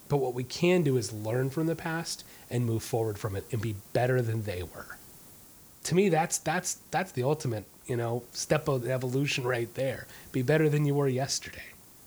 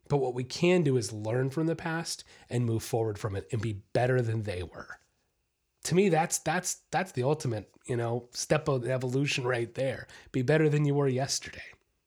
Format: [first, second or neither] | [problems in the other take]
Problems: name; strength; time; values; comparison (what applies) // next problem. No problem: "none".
second | hiss; faint; throughout; 20 dB below the speech